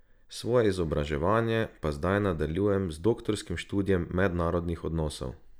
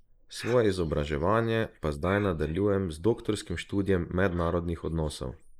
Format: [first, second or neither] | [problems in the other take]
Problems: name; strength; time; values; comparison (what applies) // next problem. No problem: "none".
first | noise reduction (neural mask model Resemble Enhance denoiser)